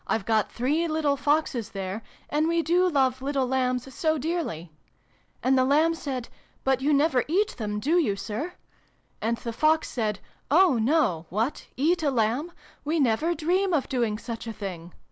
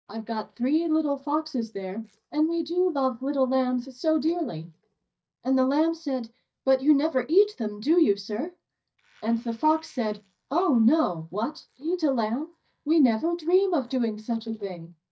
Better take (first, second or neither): first